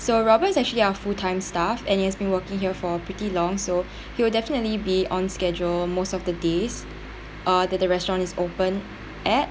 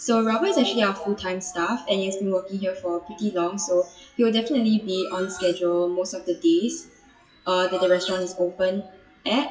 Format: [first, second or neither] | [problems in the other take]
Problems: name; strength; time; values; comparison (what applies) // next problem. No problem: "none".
first | noise reduction (classical method WPE with log-MMSE)